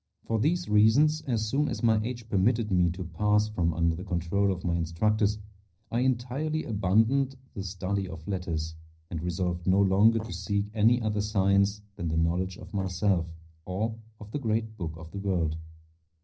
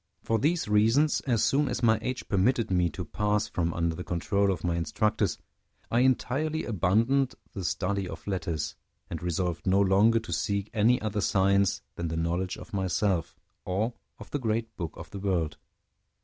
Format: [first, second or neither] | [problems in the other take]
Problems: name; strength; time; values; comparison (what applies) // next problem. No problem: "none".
second | noise reduction (neural separator model SepFormer DNS4)